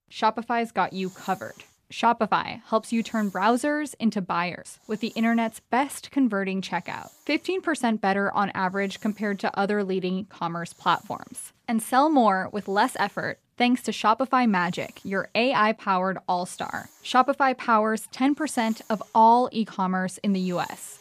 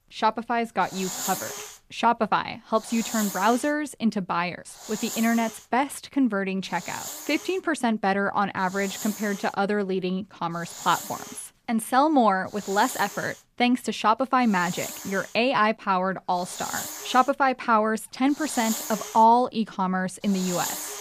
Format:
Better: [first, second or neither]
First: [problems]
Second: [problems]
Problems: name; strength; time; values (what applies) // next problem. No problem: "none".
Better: first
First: hiss; faint; throughout; 30 dB below the speech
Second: hiss; loud; throughout; 10 dB below the speech